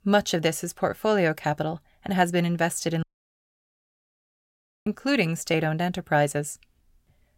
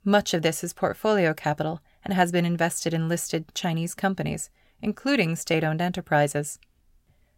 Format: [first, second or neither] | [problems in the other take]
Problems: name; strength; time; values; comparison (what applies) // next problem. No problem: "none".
second | audio cutting out; at 3 s for 2 s